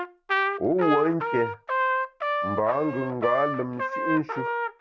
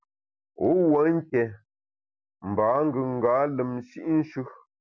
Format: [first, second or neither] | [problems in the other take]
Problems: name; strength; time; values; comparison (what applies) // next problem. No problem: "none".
second | background sound (Trumpet); 1 dB below the speech